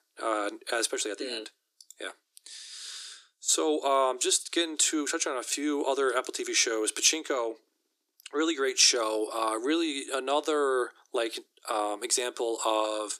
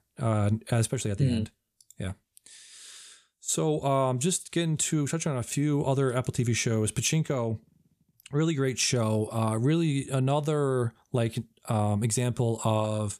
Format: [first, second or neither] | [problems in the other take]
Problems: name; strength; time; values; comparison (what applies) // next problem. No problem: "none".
second | thin; very; fading below 300 Hz